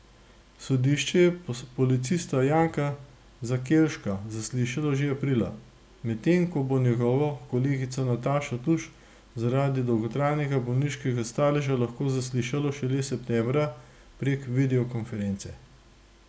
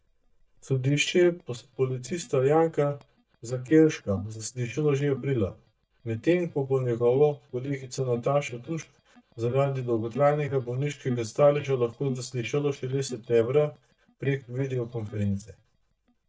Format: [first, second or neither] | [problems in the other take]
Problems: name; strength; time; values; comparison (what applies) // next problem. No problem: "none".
first | noise reduction (neural mask model DeepFilterNet 3)